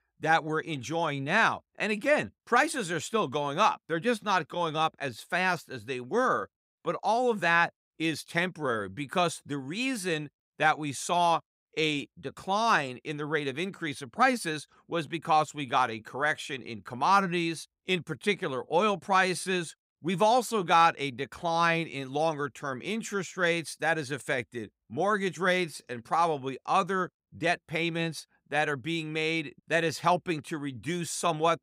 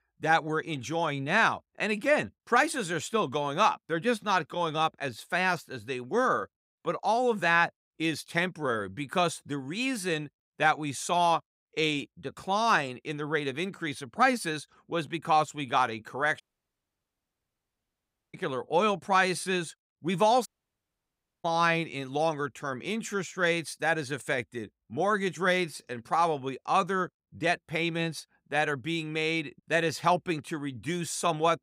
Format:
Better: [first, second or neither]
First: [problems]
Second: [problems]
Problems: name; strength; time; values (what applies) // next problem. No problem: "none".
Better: first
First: none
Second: audio cutting out; at 16 s for 2 s and at 20 s for 1 s